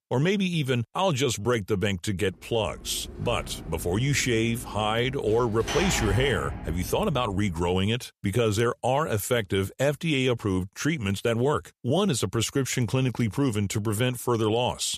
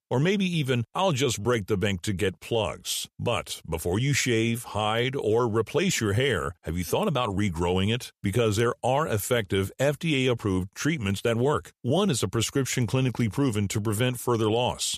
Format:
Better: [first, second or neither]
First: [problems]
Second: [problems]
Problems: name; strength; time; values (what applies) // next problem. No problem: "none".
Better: second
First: door banging; noticeable; from 2.5 to 8 s; peak 3 dB below the speech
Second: none